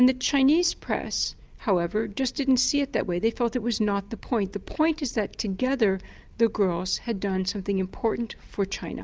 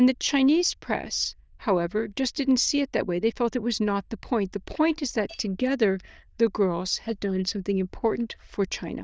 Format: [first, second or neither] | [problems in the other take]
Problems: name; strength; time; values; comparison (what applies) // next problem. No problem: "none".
first | noise reduction (neural diffusion model UNIVERSE++)